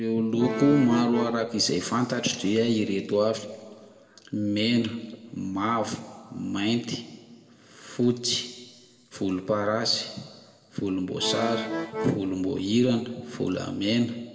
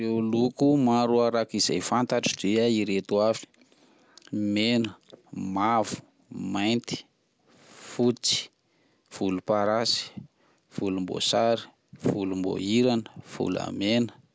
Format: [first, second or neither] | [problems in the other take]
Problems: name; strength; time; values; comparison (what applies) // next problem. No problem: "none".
second | background sound (Accordion); 4 dB below the speech // room echo; dies away in 1.2 s